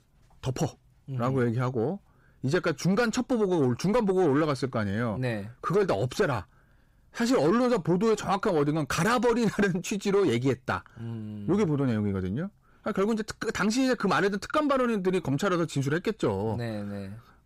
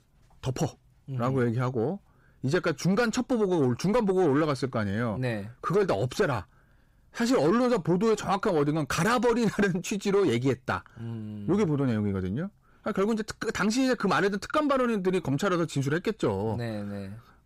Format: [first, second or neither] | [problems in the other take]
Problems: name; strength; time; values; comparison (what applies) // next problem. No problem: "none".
neither | distortion; slight; 10 dB below the speech; the same in both